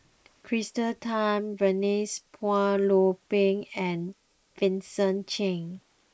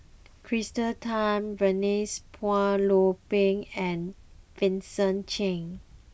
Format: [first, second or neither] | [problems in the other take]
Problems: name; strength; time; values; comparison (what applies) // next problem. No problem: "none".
second | noise reduction (neural mask model Resemble Enhance denoiser)